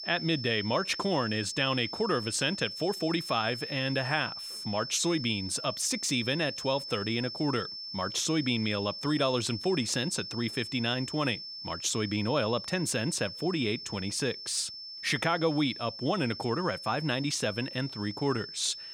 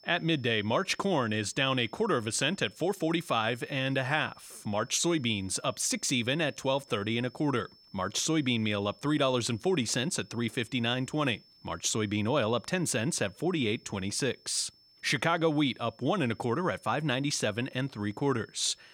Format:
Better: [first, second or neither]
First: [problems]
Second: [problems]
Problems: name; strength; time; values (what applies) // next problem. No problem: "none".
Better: second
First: high-pitched whine; loud; throughout; 5.5 kHz, 8 dB below the speech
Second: high-pitched whine; faint; throughout; 5.5 kHz, 25 dB below the speech